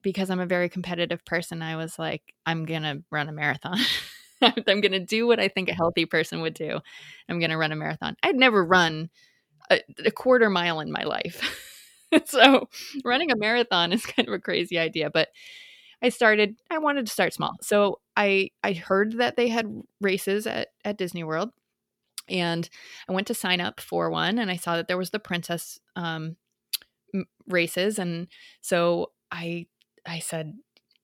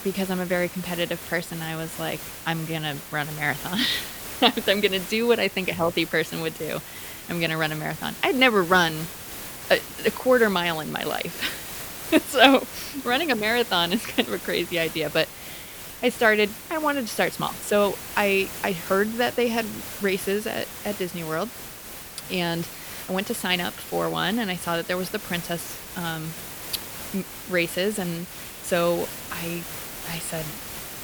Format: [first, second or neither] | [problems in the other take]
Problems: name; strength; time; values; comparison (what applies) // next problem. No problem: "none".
first | hiss; noticeable; throughout; 10 dB below the speech